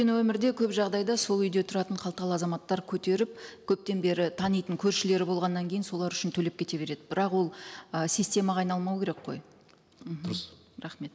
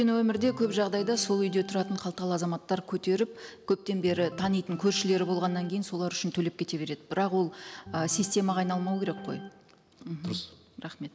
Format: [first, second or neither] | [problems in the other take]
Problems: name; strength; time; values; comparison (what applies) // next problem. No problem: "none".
first | background sound (Organ); 15 dB below the speech